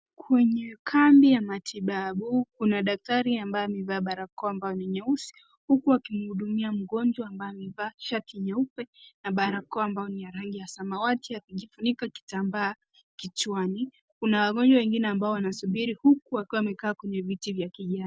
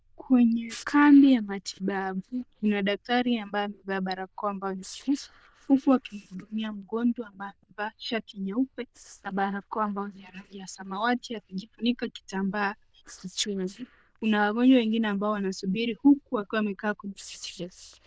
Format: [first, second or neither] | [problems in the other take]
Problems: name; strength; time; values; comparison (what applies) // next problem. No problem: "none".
first | noise reduction (neural diffusion model UNIVERSE++)